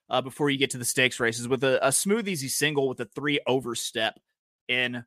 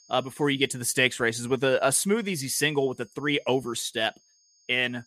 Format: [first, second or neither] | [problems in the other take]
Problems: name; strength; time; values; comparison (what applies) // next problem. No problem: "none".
first | high-pitched whine; faint; throughout; 6.5 kHz, 35 dB below the speech